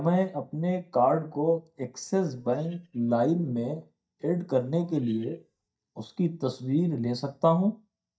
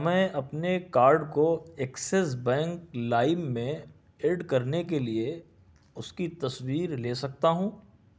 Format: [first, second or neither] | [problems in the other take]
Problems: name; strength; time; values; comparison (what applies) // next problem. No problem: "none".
second | noise reduction (neural mask model DeepFilterNet 3)